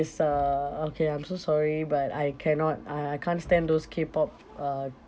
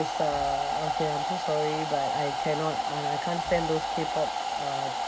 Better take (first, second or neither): first